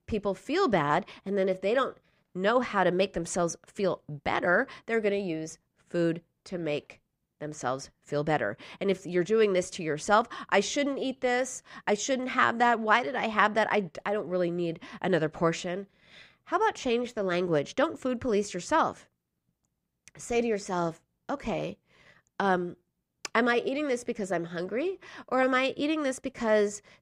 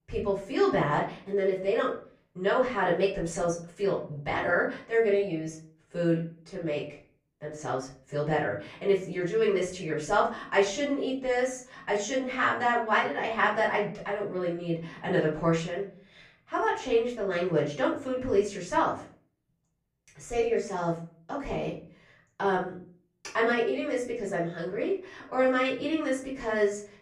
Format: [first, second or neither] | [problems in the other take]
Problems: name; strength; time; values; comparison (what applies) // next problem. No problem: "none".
first | off-mic speech; far // room echo; slight; dies away in 0.4 s